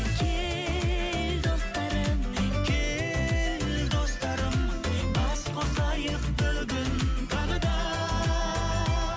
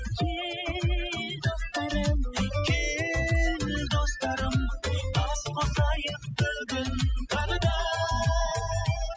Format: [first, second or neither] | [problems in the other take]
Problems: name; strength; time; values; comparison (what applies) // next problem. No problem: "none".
first | noise reduction (classical method spectral subtraction)